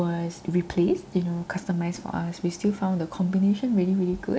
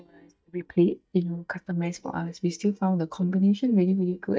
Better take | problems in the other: first | noise reduction (neural mask model DeepFilterNet 3)

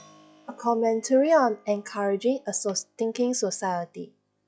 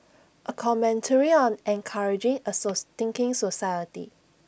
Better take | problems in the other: second | noise reduction (classical method log-MMSE)

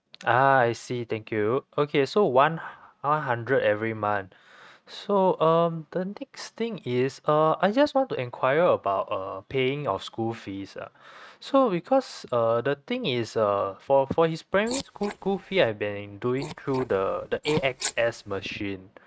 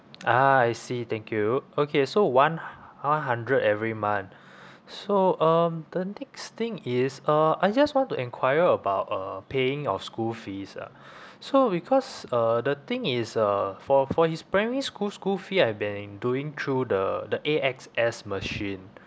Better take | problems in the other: second | noise reduction (neural mask model RNNoise)

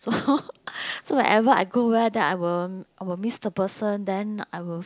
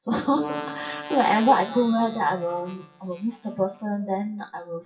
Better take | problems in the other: first | noise reduction (classical method WPE with log-MMSE)

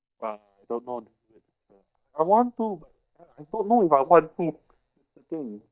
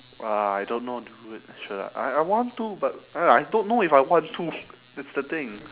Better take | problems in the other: second | noise reduction (neural mask model DeepFilterNet 3)

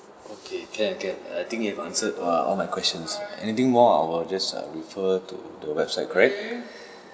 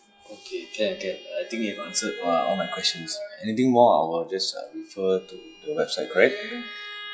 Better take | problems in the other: first | noise reduction (classical method log-MMSE)

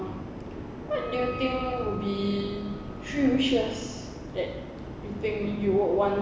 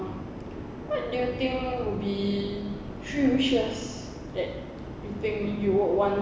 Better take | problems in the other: second | background sound (Wind instrument, woodwind instrument); 15 dB below the speech

